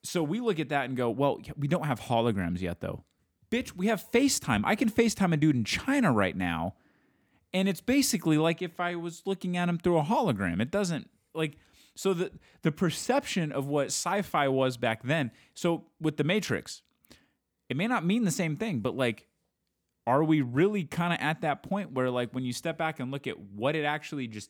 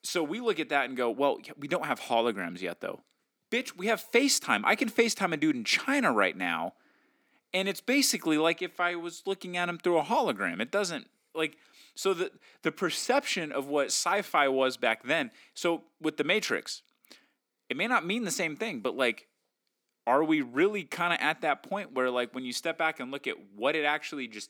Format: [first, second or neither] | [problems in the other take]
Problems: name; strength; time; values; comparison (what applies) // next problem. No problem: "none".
first | thin; very slightly; fading below 300 Hz